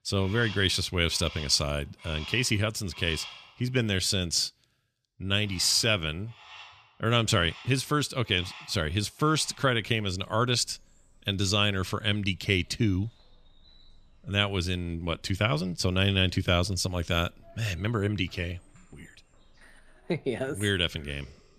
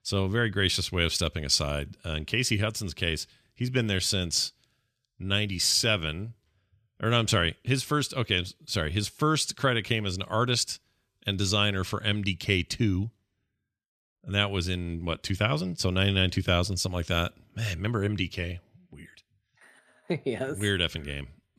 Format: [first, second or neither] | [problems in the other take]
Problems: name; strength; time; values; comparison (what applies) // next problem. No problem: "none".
second | animal sounds; noticeable; throughout; 20 dB below the speech